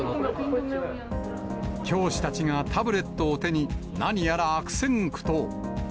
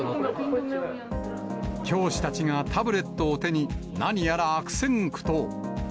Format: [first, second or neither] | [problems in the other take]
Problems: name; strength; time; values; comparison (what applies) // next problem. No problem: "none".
second | background sound (Aircraft); 16 dB below the speech